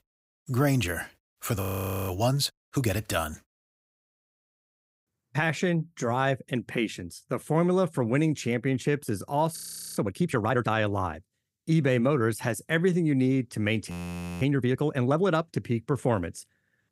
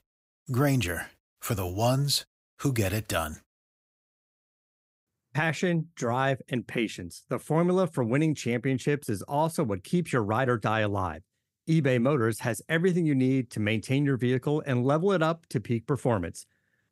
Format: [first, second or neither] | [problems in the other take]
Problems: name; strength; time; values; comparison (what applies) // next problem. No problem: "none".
second | audio freezing; at 1.5 s, at 9.5 s and at 14 s for 0.5 s